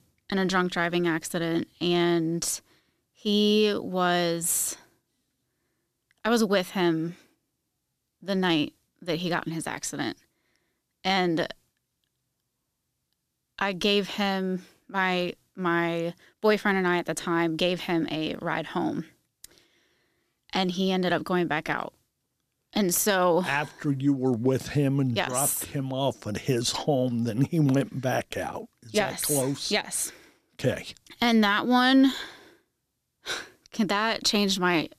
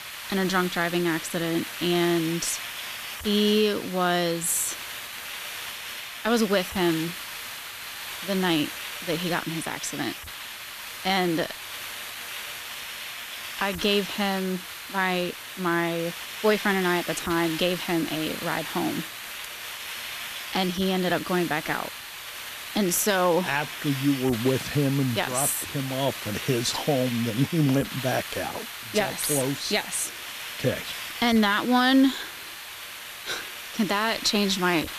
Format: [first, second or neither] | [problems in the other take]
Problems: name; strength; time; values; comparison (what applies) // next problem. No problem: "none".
first | hiss; loud; throughout; 8 dB below the speech